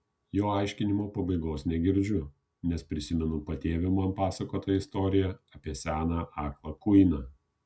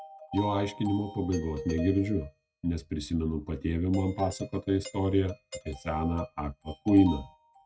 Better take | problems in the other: first | noise reduction (neural mask model RNNoise)

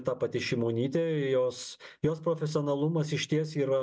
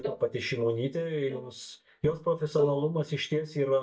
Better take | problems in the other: first | noise reduction (neural mask model DeepFilterNet 3)

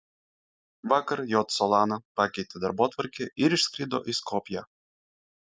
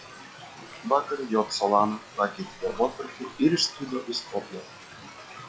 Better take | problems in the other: first | noise reduction (classical method log-MMSE)

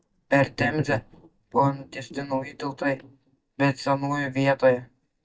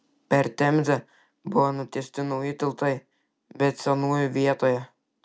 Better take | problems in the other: second | noise reduction (neural mask model DeepFilterNet 3)

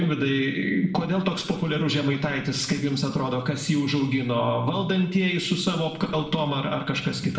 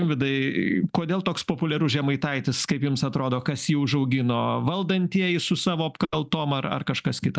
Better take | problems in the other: second | room echo; dies away in 0.8 s

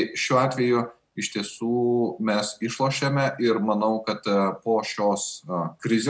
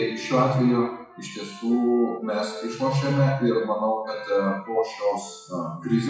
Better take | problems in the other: first | noise reduction (classical method WPE with log-MMSE)

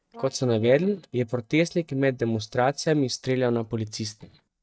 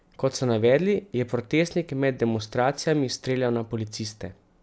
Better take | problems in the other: second | noise reduction (neural mask model DeepFilterNet 3)

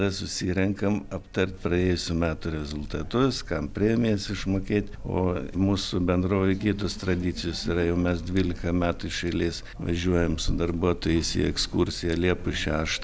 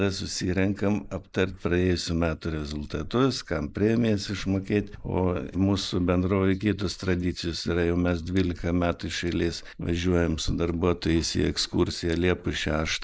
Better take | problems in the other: first | noise reduction (neural mask model Resemble Enhance denoiser)

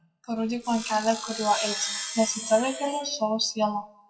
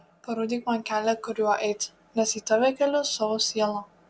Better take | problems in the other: second | noise reduction (classical method WPE with log-MMSE)

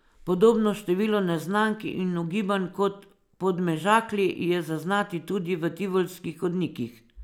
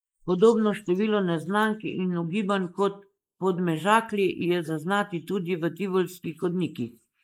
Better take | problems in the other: first | noise reduction (neural mask model Resemble Enhance denoiser)

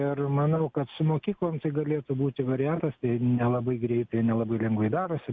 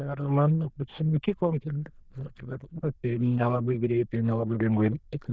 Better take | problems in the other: first | noise reduction (neural diffusion model UNIVERSE++)

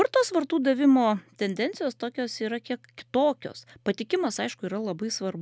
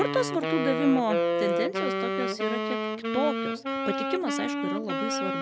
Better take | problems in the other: first | background sound (Wind instrument, woodwind instrument); 1 dB above the speech

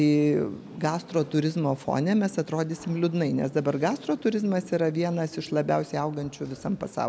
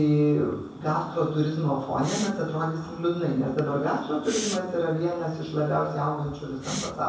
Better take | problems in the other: first | background sound (Respiratory sounds); 16 dB below the speech // room echo; dies away in 0.7 s

